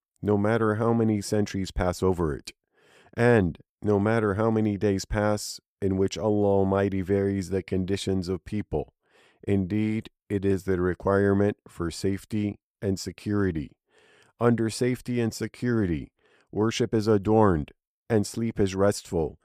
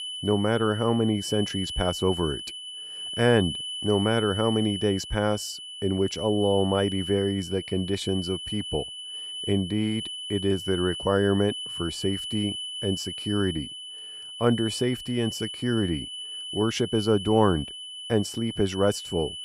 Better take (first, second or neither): first